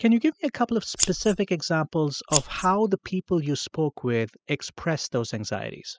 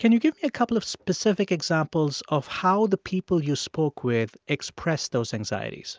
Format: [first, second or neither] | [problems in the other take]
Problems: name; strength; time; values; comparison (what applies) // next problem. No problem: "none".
second | noise reduction (classical method spectral subtraction)